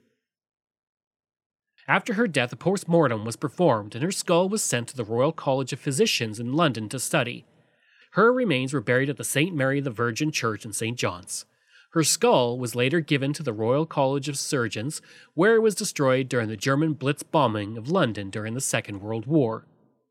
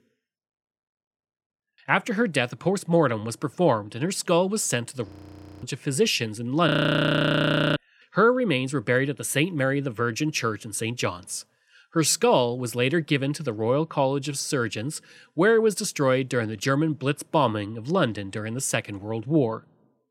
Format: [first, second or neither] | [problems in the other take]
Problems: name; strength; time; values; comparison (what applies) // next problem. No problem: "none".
first | audio freezing; at 5 s for 0.5 s and at 6.5 s for 1 s